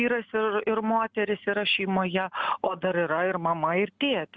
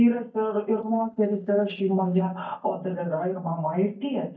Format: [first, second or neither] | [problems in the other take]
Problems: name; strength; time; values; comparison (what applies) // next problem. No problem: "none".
first | noise reduction (neural mask model DeepFilterNet 3)